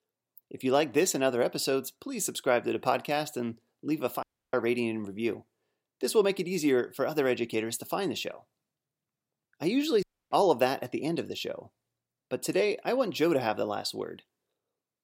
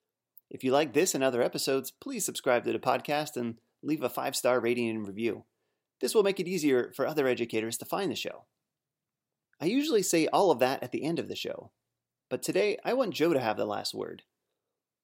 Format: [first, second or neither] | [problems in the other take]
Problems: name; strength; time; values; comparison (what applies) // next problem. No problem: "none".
second | audio cutting out; at 4 s and at 10 s